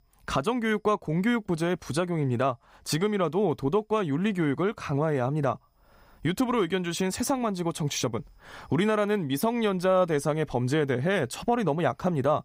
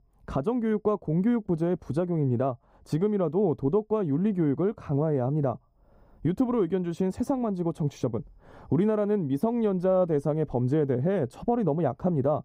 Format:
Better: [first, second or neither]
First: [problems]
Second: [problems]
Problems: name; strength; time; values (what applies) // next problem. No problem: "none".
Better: first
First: none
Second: muffled; very; fading above 1 kHz